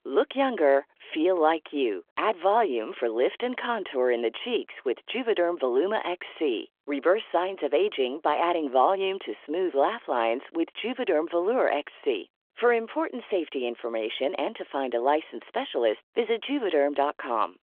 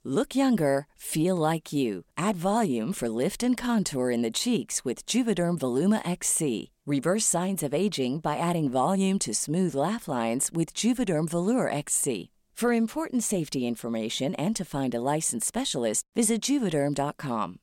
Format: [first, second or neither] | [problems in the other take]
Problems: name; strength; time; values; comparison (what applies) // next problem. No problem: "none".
second | phone-call audio; nothing above 3.5 kHz